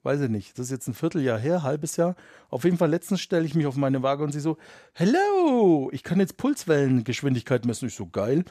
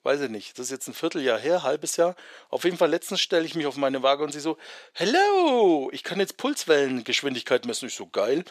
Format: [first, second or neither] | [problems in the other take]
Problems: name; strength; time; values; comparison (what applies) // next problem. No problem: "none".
first | thin; somewhat; fading below 450 Hz